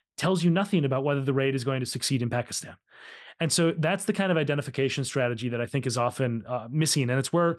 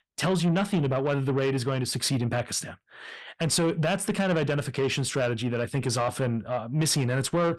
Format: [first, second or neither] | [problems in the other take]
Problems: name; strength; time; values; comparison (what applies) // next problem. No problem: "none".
first | distortion; slight; 10 dB below the speech